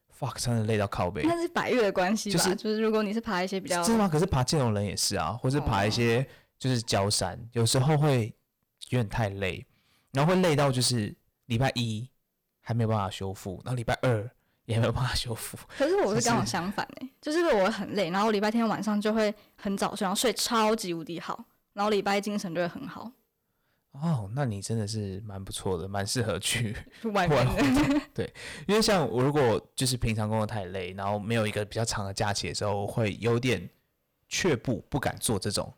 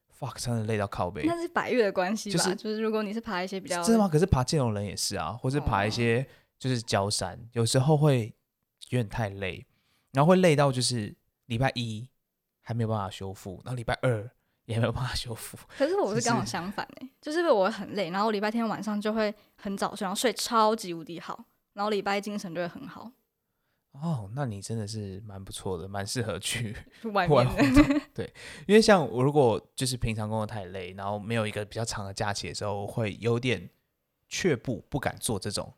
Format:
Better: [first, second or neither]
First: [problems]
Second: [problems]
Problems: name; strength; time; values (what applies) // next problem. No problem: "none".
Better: second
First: distortion; heavy; 8% of the sound clipped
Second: none